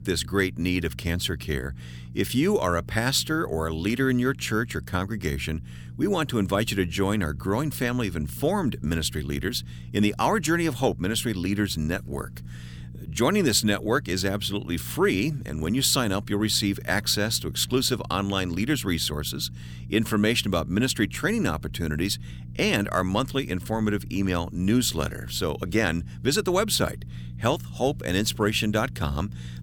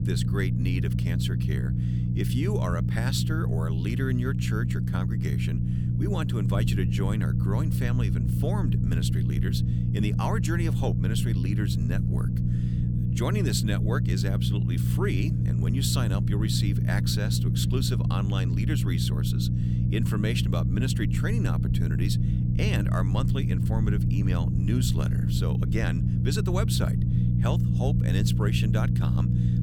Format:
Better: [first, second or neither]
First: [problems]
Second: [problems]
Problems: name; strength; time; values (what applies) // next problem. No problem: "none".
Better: first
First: low rumble; faint; throughout; 25 dB below the speech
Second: low rumble; loud; throughout; 2 dB below the speech